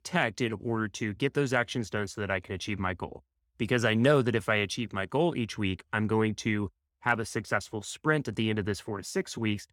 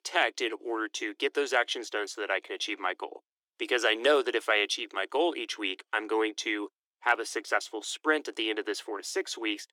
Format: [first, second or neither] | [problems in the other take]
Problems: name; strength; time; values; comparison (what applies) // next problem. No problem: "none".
first | thin; very; fading below 300 Hz